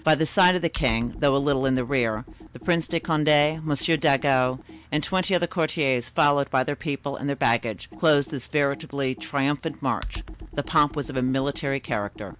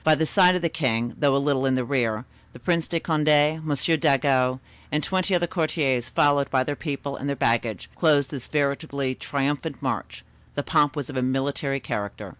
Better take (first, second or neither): second